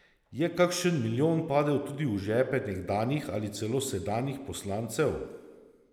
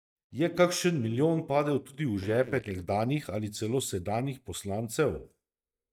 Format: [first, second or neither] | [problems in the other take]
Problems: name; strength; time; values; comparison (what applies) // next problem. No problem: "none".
first | noise reduction (neural mask model DeepFilterNet 3)